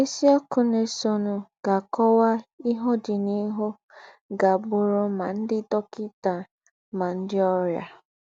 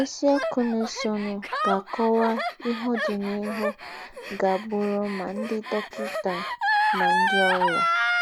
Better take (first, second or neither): first